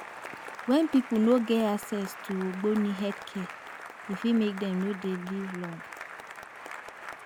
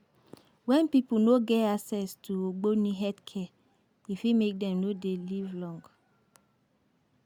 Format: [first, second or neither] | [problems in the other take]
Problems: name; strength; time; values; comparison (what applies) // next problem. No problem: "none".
second | background sound (Applause / Cheering); 13 dB below the speech